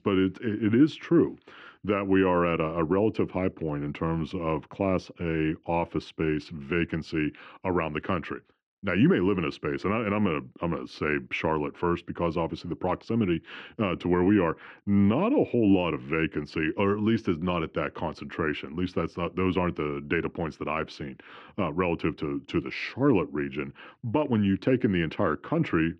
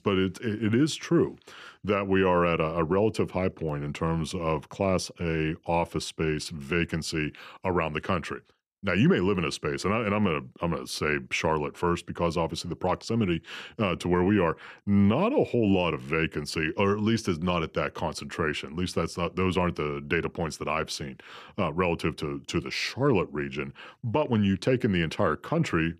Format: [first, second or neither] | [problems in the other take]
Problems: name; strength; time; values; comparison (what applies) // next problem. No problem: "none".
second | muffled; slightly; fading above 2.5 kHz